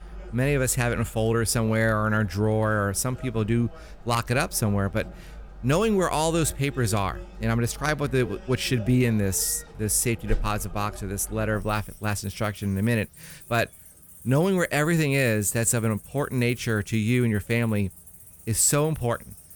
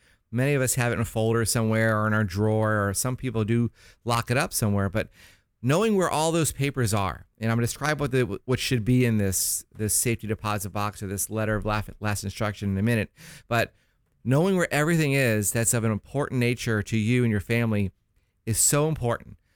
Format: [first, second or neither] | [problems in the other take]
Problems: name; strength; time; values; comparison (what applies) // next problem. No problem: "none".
second | animal sounds; noticeable; throughout; 20 dB below the speech